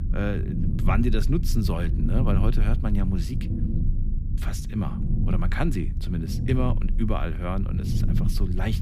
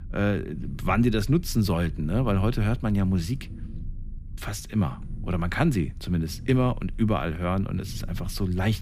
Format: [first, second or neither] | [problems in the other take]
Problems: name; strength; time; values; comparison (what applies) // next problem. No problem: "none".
second | low rumble; loud; throughout; 7 dB below the speech; faint in the second